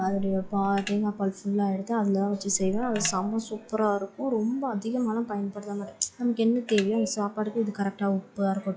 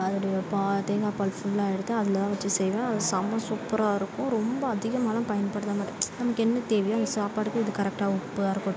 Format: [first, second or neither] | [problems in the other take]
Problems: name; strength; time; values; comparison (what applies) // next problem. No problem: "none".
second | noise reduction (classical method log-MMSE)